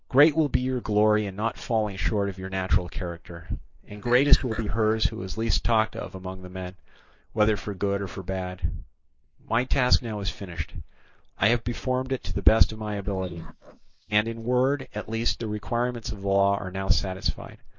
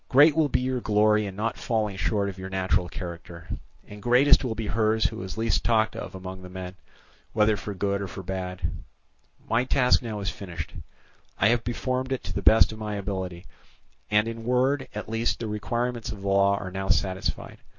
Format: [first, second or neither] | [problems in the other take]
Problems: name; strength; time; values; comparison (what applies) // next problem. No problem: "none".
second | noise reduction (neural mask model Resemble Enhance denoiser)